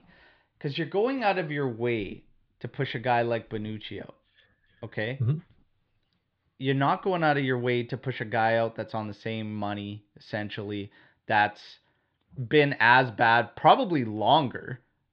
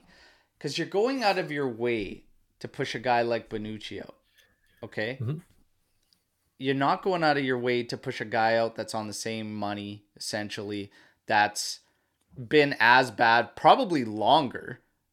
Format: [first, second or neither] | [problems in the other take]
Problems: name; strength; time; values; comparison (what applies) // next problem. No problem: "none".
second | muffled; slightly; fading above 3.5 kHz